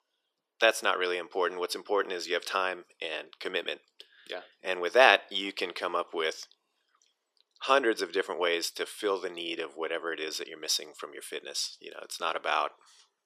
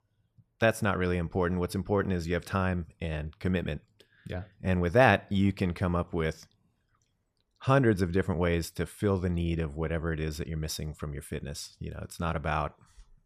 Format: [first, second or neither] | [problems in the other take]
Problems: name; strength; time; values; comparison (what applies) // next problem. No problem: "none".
second | thin; very; fading below 350 Hz